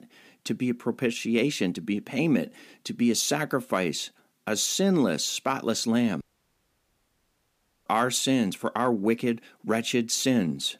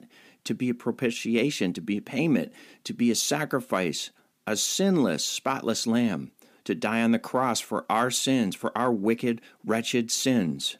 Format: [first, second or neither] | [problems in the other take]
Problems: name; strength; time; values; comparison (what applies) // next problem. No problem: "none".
second | audio cutting out; at 6 s for 1.5 s